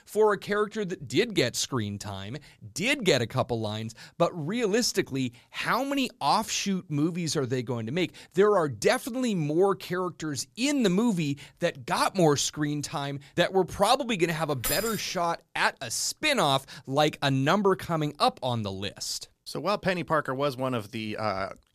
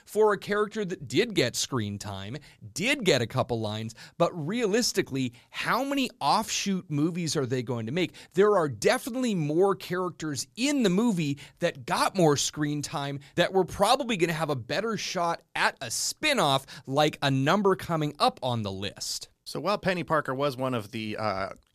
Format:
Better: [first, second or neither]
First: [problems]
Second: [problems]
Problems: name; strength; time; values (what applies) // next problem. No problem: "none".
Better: second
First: jangling keys; noticeable; at 15 s; peak 2 dB below the speech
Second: none